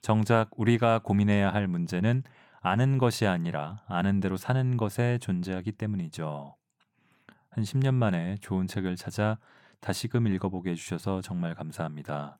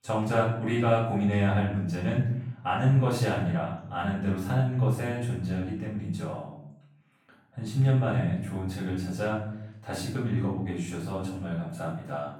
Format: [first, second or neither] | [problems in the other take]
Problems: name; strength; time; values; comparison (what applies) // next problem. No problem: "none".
first | off-mic speech; far // room echo; noticeable; dies away in 0.6 s